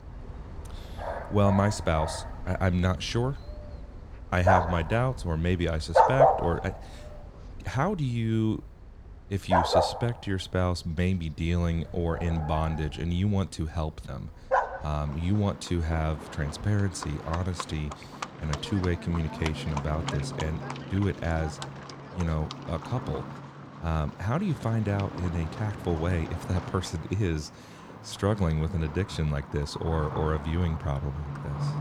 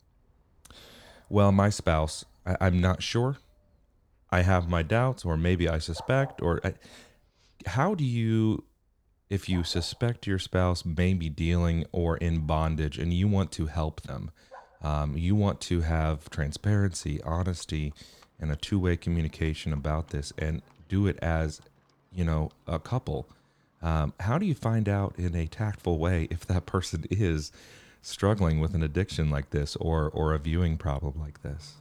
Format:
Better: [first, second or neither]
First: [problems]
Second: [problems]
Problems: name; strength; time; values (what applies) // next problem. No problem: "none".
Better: second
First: animal sounds; loud; throughout; 3 dB below the speech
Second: animal sounds; faint; throughout; 30 dB below the speech